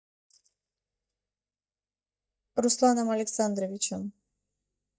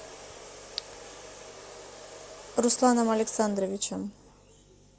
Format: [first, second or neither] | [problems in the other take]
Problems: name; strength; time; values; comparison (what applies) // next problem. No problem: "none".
second | noise reduction (neural mask model DeepFilterNet 3)